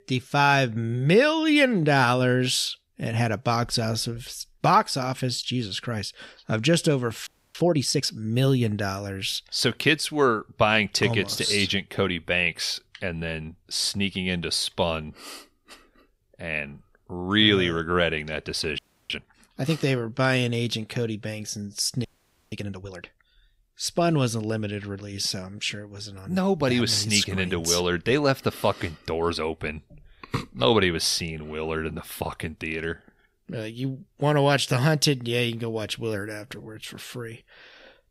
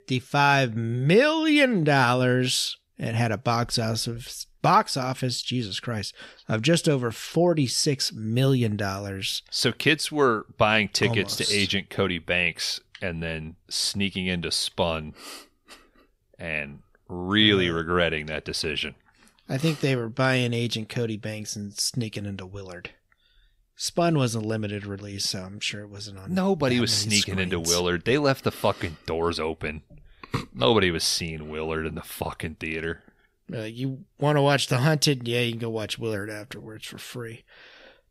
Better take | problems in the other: second | audio freezing; at 7.5 s, at 19 s and at 22 s

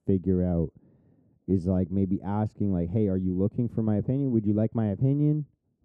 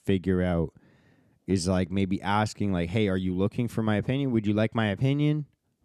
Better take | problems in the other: second | muffled; very; fading above 1 kHz

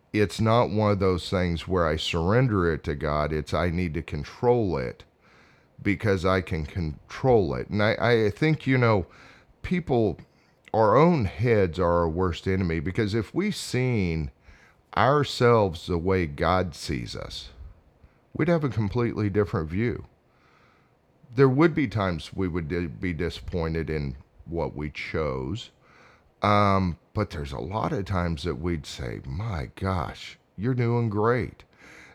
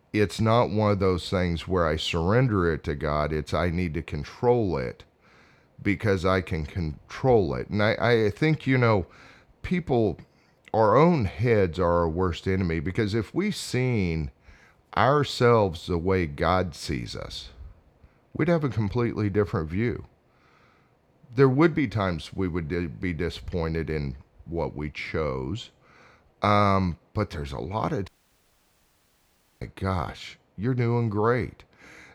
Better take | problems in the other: first | audio cutting out; at 28 s for 1.5 s

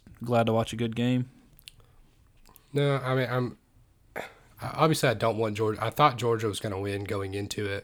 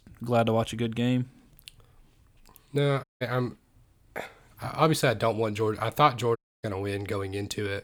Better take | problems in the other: first | audio cutting out; at 3 s and at 6.5 s

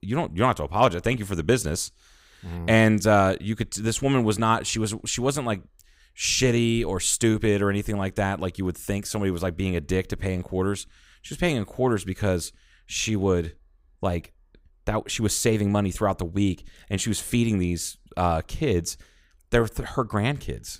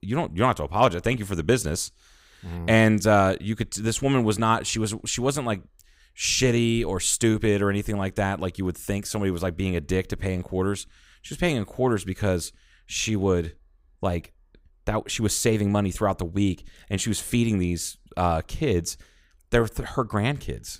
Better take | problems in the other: neither | none

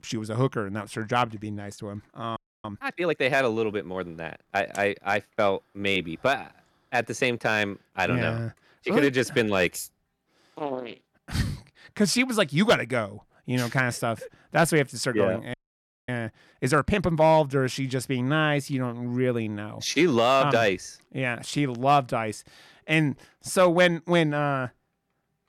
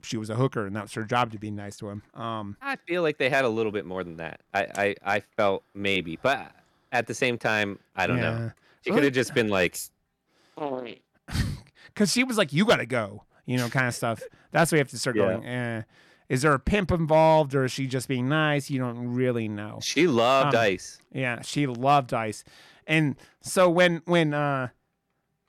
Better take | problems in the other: second | audio freezing; at 2.5 s and at 16 s for 0.5 s

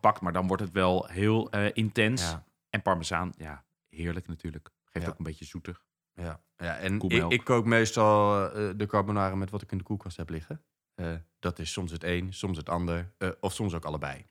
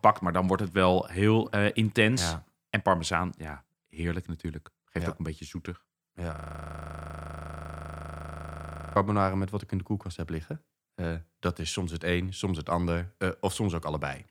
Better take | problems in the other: first | audio freezing; at 6.5 s for 2.5 s

